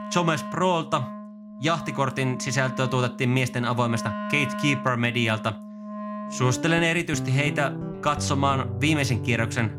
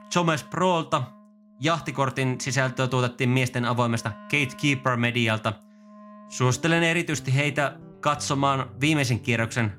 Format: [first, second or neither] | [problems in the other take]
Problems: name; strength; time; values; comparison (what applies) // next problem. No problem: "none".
second | background music; loud; throughout; 9 dB below the speech; faint in the second